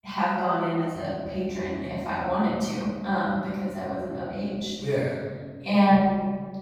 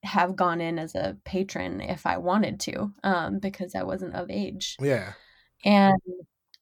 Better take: second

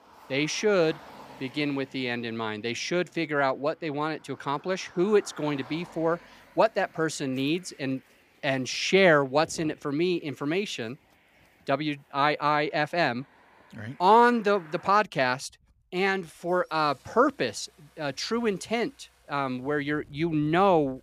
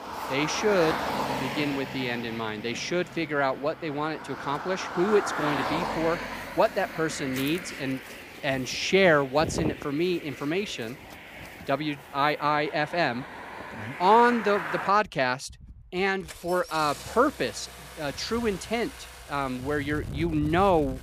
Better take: first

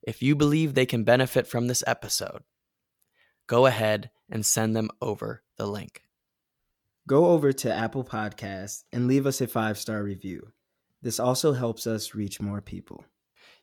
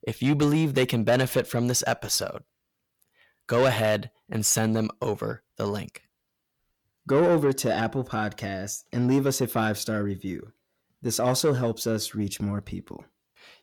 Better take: first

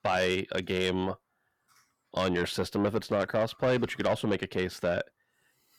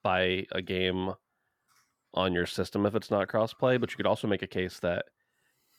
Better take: second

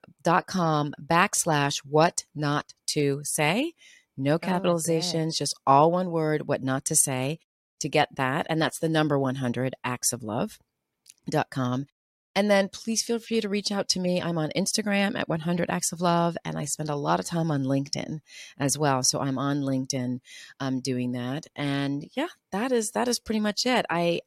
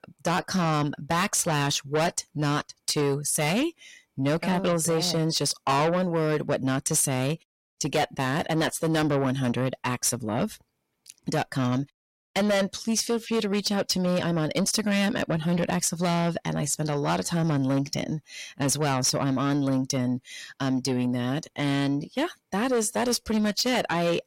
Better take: first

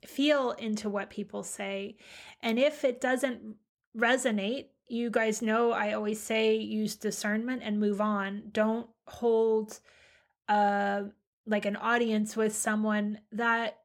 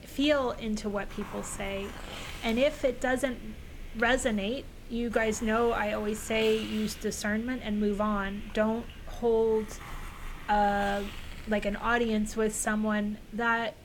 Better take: first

